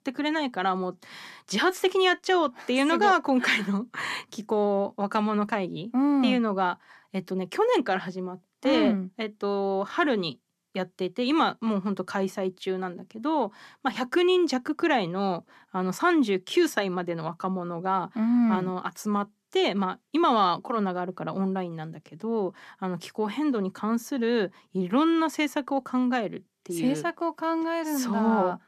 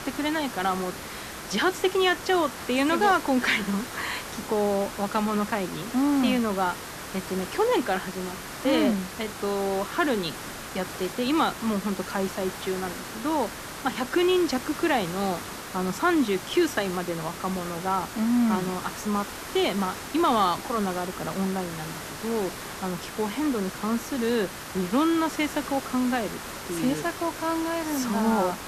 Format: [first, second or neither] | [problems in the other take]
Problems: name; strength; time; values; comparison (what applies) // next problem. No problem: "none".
first | hiss; loud; throughout; 9 dB below the speech